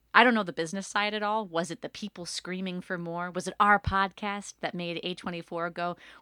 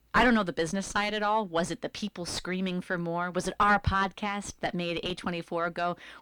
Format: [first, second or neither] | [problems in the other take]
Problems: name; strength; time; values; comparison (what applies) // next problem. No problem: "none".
first | distortion; heavy; 3 dB below the speech